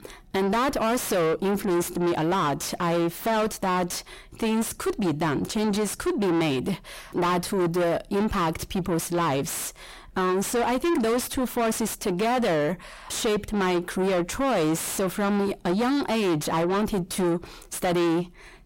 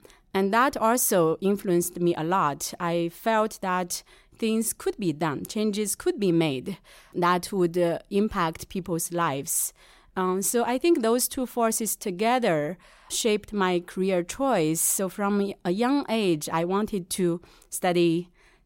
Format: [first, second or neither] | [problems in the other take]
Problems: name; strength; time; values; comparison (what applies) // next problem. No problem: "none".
second | distortion; heavy; 5 dB below the speech